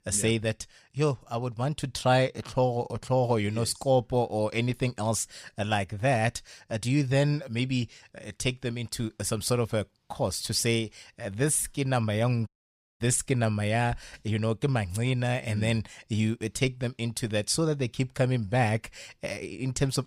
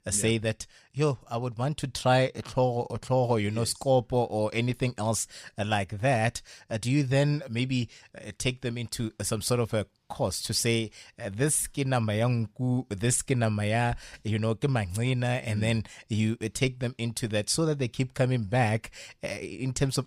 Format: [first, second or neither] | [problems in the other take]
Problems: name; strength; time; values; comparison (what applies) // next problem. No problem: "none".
second | audio cutting out; at 12 s for 0.5 s